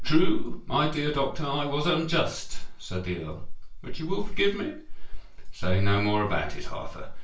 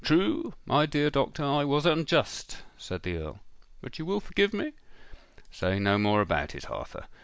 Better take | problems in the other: second | room echo; dies away in 0.3 s

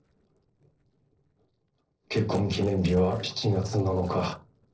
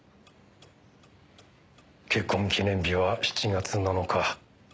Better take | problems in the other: second | noise reduction (neural separator model SepFormer DNS4)

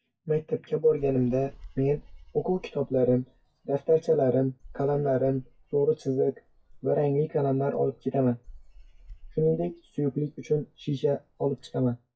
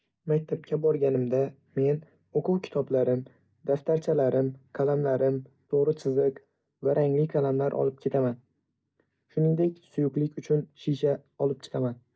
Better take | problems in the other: second | noise reduction (classical method WPE with log-MMSE)

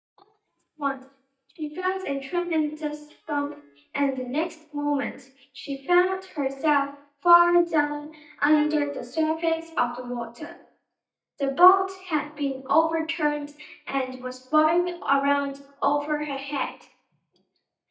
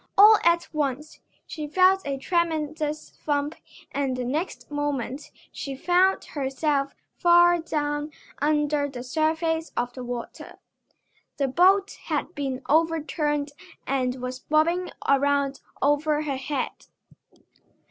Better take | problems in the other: second | noise reduction (neural mask model DeepFilterNet 3)

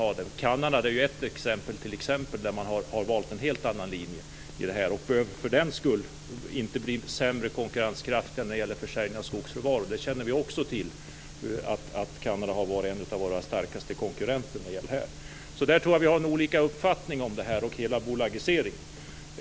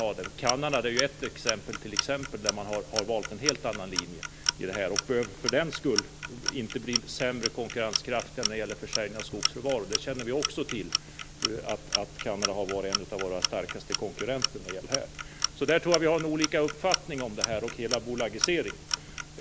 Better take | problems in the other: first | background sound (Clock); 3 dB below the speech

